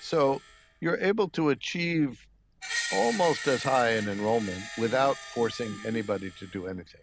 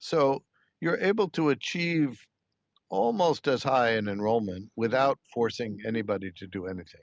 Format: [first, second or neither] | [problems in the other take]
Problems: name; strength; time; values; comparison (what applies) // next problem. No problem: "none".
second | background sound (Screech); 12 dB below the speech